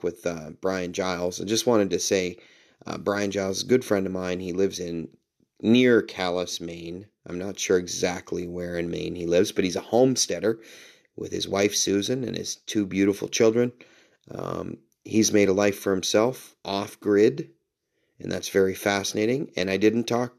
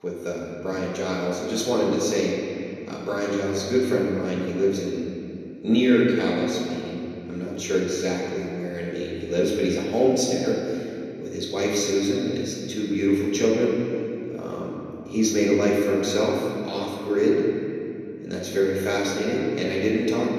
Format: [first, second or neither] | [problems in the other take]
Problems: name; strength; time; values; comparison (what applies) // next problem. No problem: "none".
first | room echo; noticeable; dies away in 2.6 s // off-mic speech; far